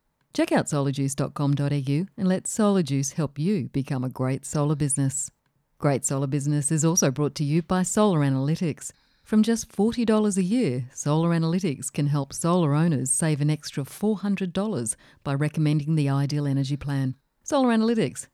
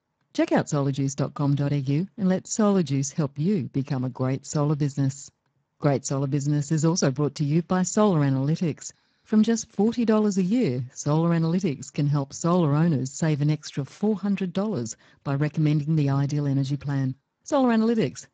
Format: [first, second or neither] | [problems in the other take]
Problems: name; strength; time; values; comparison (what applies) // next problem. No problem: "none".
first | garbled, watery; badly; nothing above 7.5 kHz